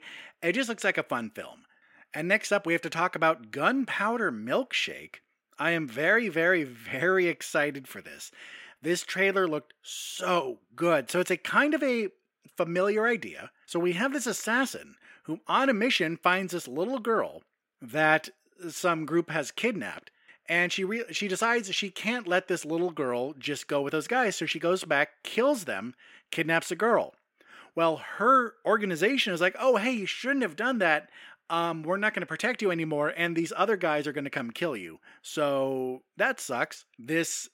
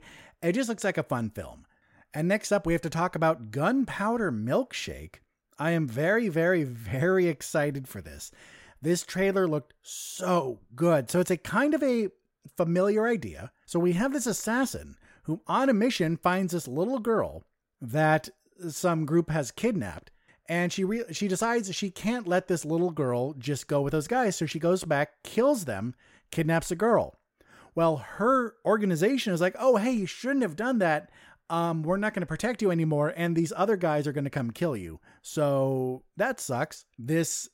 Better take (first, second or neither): second